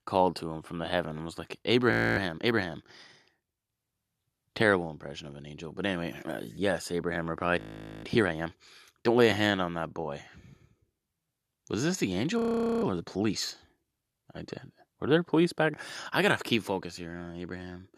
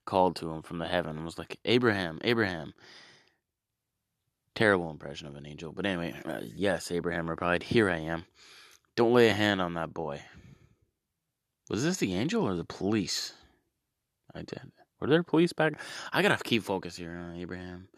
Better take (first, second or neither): second